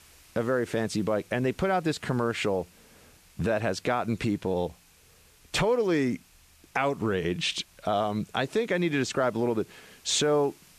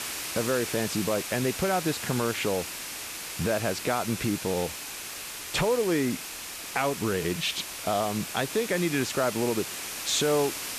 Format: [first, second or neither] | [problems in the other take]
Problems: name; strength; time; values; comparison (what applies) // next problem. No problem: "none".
first | hiss; loud; throughout; 6 dB below the speech; faint in the first